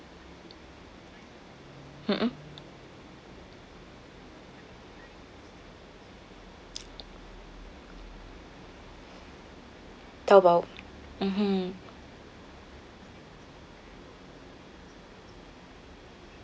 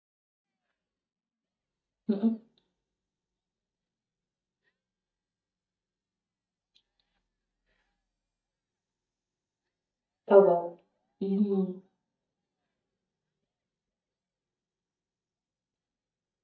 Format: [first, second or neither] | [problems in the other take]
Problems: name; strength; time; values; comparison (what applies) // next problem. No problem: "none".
first | noise reduction (neural mask model DeepFilterNet 3)